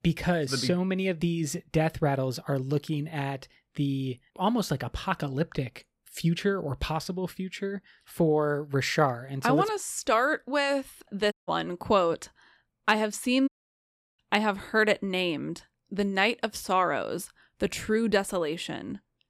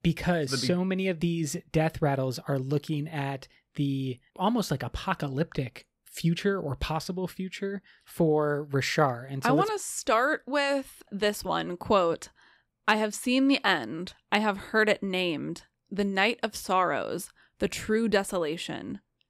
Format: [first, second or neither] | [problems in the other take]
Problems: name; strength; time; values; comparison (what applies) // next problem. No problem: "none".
second | audio cutting out; at 11 s and at 13 s for 0.5 s